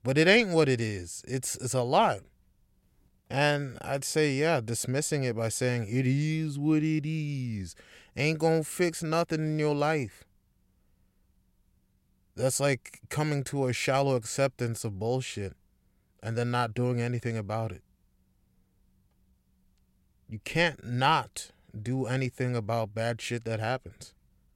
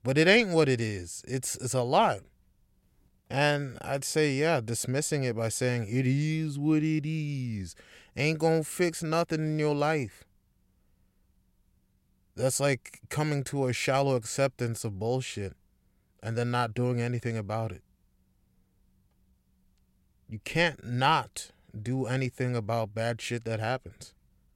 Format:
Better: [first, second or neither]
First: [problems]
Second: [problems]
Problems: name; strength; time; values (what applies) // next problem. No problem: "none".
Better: neither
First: none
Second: none